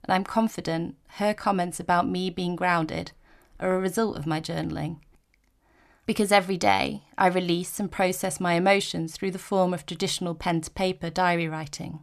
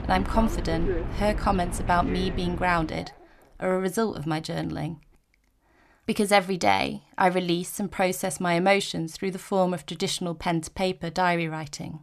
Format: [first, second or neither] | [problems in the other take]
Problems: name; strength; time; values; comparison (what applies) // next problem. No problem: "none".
first | animal sounds; loud; until 2.5 s; 7 dB below the speech